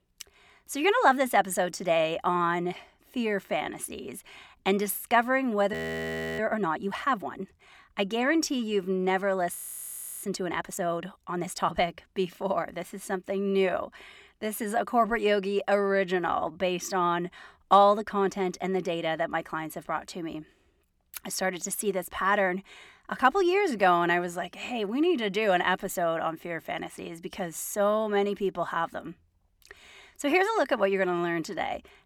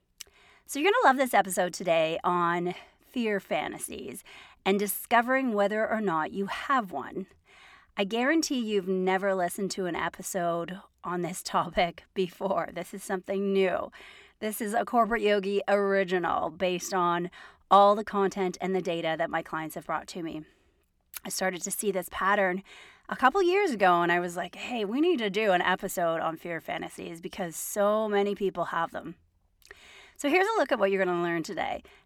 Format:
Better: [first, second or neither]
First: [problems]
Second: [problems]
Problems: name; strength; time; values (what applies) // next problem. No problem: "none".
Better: second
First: audio freezing; at 5.5 s for 0.5 s and at 9.5 s for 0.5 s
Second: none